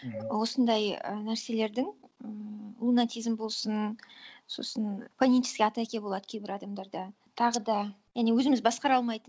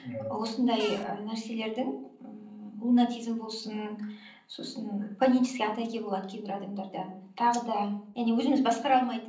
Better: first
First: none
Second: background sound (Cupboard open or close / Door); 14 dB below the speech // room echo; dies away in 0.6 s

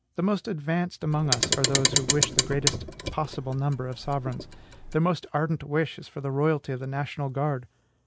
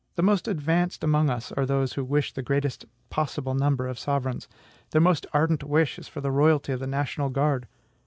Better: second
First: background sound (Clock); as loud as the speech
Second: none

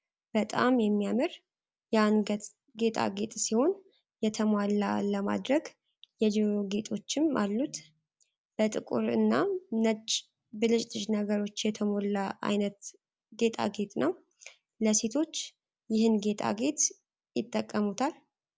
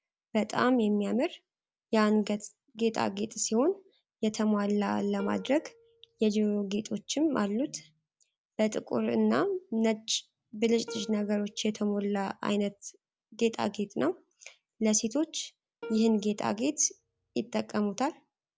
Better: first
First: none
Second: background sound (Plucked string instrument); 19 dB below the speech

